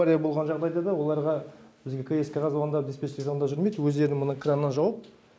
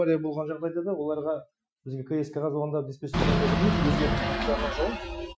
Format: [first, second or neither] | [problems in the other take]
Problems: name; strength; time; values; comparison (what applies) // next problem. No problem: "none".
first | noise reduction (classical method Wiener filter)